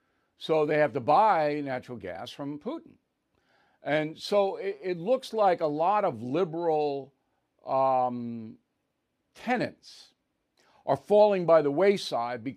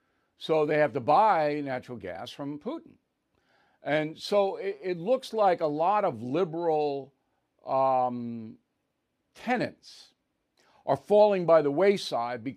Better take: neither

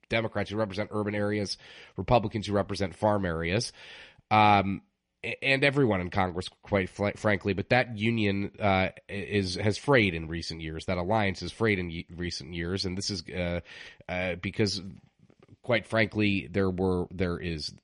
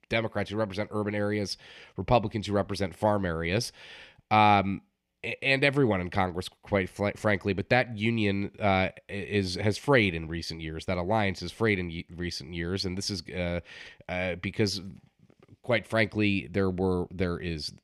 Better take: second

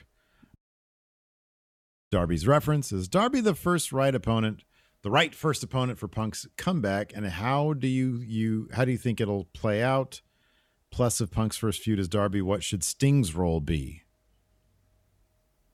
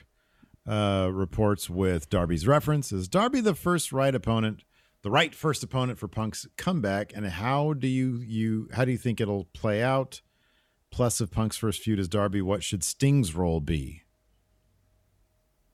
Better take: second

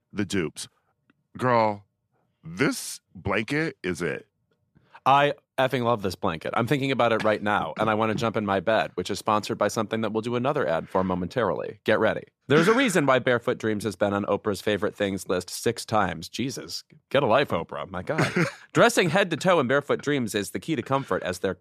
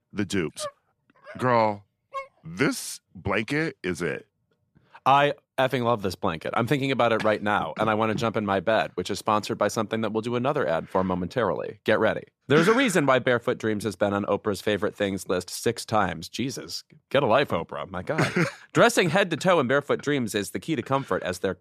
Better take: first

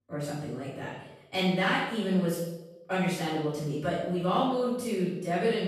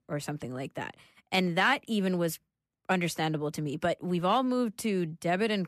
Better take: second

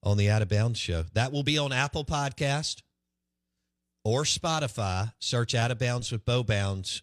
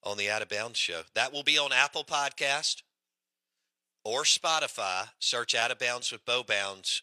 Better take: first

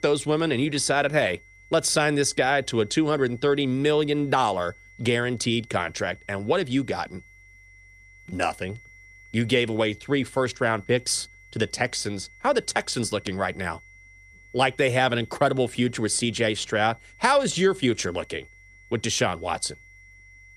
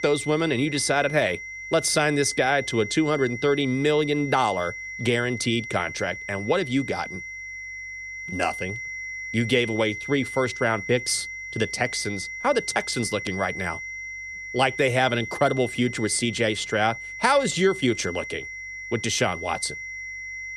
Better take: first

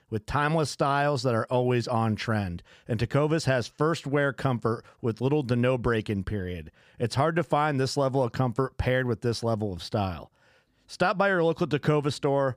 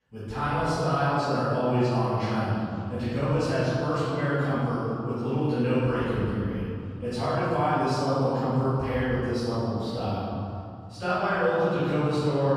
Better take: first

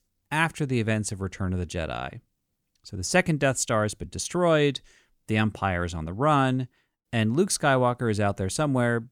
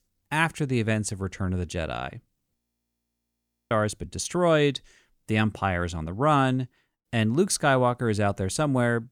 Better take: first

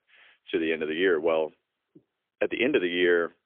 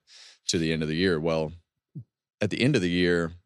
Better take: second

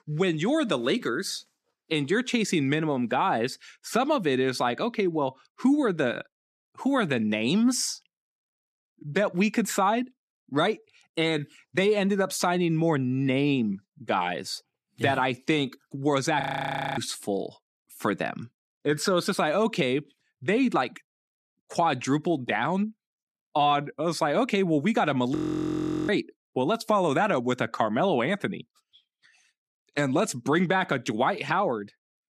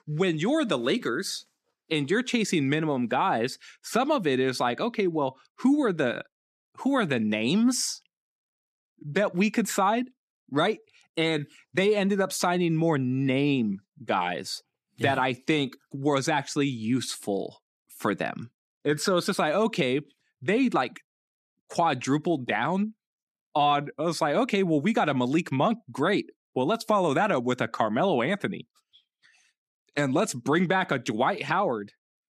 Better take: second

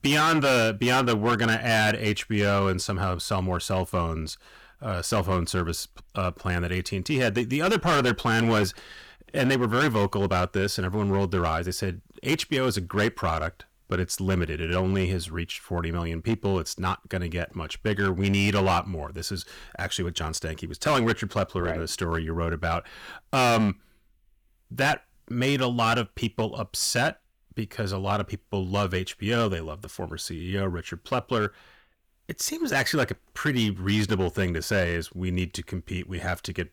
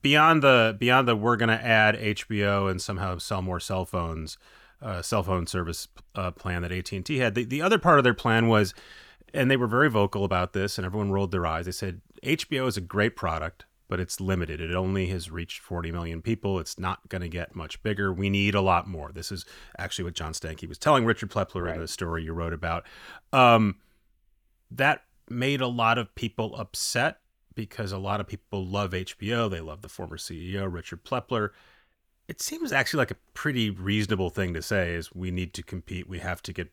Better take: second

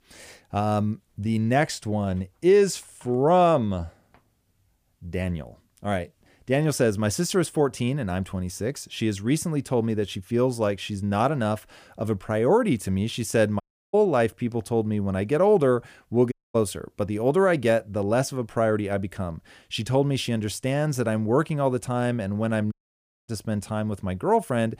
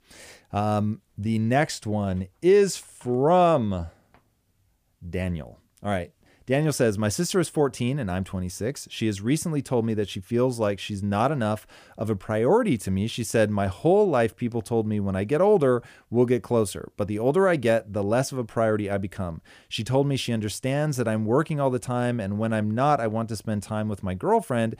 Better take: second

